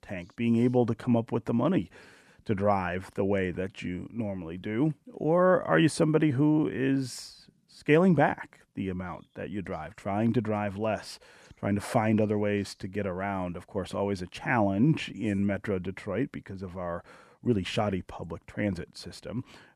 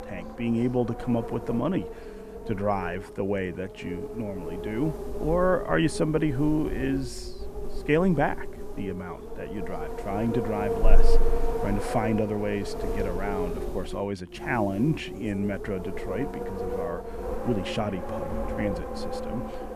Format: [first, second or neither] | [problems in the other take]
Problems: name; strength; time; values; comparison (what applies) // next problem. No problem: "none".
first | wind noise on the microphone; heavy; 5 dB below the speech